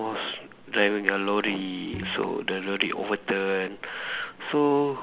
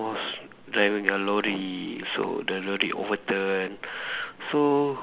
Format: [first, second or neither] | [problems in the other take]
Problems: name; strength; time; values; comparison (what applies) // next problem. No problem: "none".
second | background sound (Bowed string instrument); 18 dB below the speech